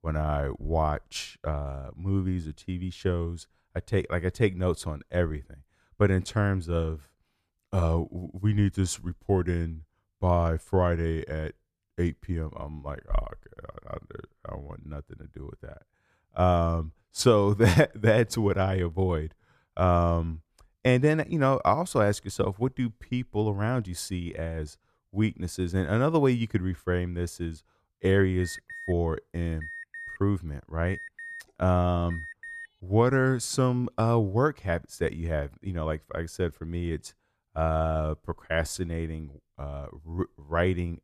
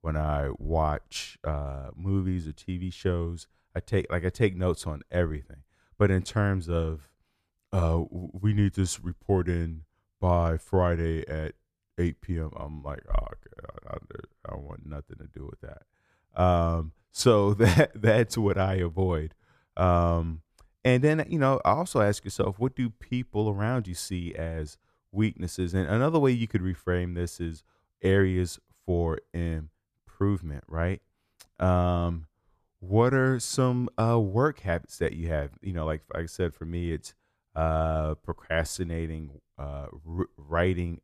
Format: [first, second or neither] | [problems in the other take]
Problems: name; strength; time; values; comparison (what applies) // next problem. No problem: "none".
second | alarm; faint; from 28 to 33 s; peak 10 dB below the speech